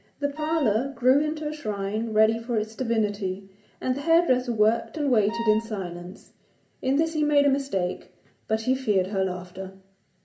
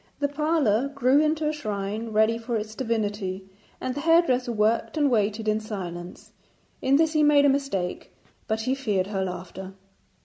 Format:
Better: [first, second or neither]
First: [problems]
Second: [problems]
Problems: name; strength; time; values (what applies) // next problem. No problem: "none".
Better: second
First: background sound (Wind instrument, woodwind instrument); 11 dB below the speech // room echo; dies away in 0.3 s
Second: none